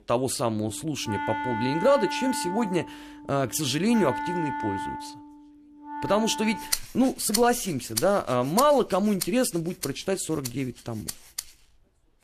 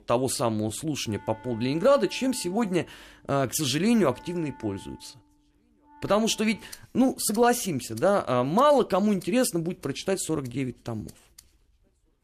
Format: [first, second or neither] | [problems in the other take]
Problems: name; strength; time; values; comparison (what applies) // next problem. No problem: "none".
second | background music; loud; throughout; 7 dB below the speech; faint in the second